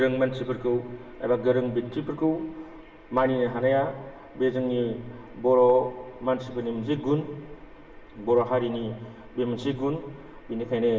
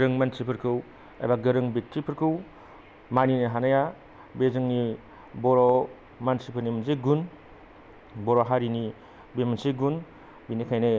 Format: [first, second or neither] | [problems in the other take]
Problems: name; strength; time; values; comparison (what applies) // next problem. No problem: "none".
second | room echo; dies away in 1.3 s